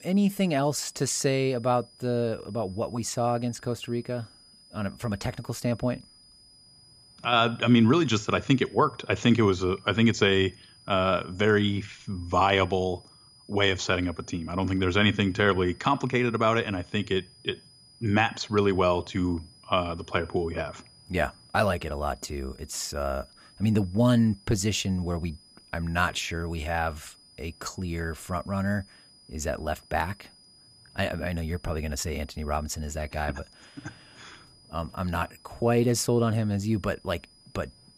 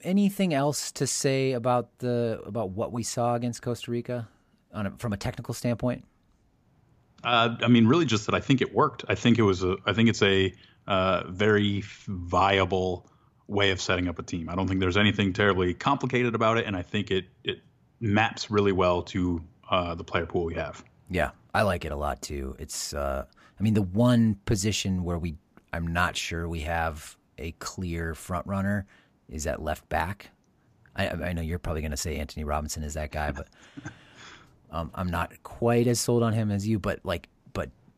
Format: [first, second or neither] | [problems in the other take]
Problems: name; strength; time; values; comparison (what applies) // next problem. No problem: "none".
second | high-pitched whine; faint; throughout; 5 kHz, 25 dB below the speech